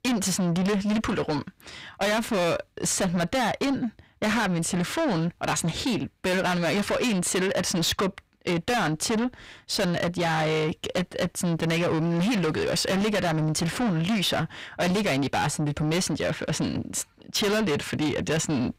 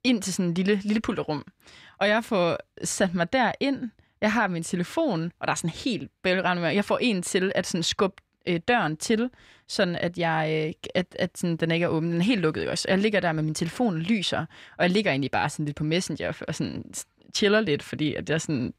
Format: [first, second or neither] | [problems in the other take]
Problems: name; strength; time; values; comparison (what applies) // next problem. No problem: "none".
second | distortion; heavy; 6 dB below the speech